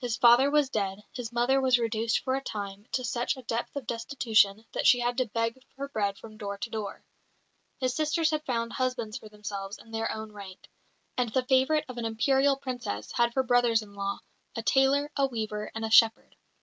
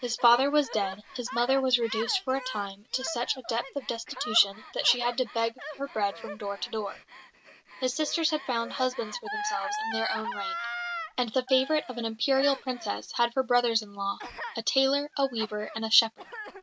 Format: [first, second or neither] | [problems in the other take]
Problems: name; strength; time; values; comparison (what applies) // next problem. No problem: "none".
first | background sound (Gasp); 11 dB below the speech